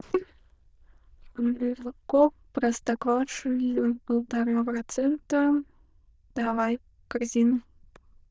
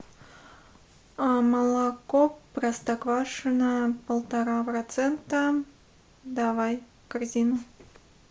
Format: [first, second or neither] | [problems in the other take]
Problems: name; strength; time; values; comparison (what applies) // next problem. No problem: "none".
second | noise reduction (neural diffusion model UNIVERSE++)